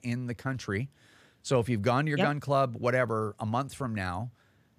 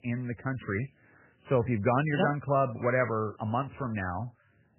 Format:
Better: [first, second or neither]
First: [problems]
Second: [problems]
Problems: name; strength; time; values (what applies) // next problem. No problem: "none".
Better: first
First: none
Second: garbled, watery; badly; nothing above 3 kHz